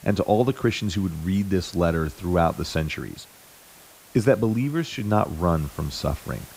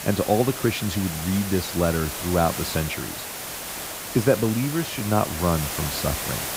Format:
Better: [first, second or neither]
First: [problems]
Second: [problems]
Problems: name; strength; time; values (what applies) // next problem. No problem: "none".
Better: first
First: hiss; faint; throughout; 20 dB below the speech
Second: hiss; loud; throughout; 5 dB below the speech